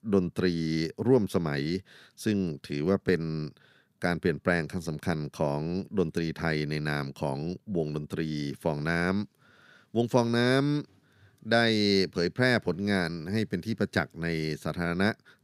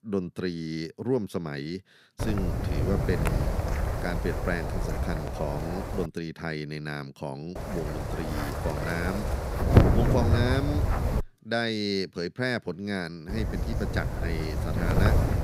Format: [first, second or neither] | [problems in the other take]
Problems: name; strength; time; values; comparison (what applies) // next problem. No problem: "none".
first | wind noise on the microphone; heavy; from 2 to 6 s, from 7.5 to 11 s and from 13 s on; as loud as the speech